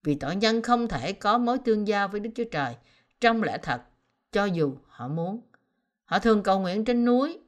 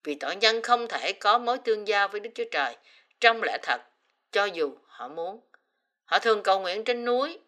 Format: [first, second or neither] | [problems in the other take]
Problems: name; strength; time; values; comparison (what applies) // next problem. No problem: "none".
first | thin; very; fading below 350 Hz